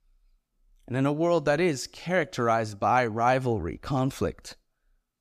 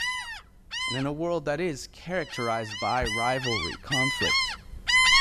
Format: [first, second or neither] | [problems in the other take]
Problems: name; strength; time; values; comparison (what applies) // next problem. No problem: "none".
first | animal sounds; very loud; throughout; 4 dB above the speech